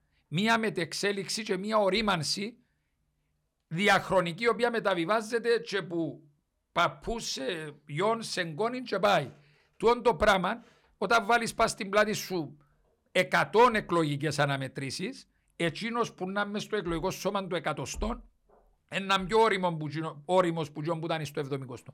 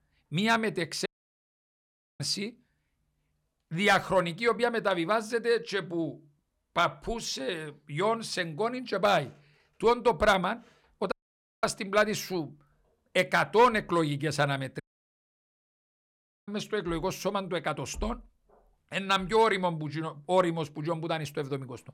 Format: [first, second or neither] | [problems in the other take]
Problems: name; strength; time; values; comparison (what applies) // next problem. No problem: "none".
first | audio cutting out; at 1 s for 1 s, at 11 s for 0.5 s and at 15 s for 1.5 s